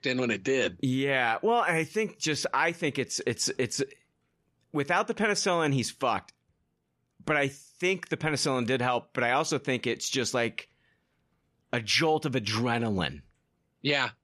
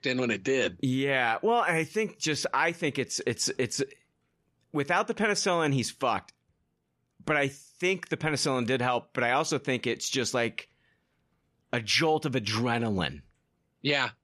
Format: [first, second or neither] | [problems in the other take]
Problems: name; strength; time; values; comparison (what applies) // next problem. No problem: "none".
neither | none